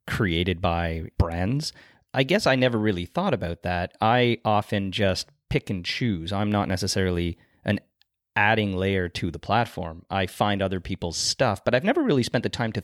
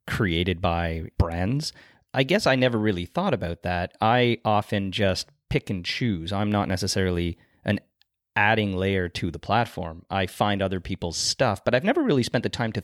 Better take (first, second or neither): neither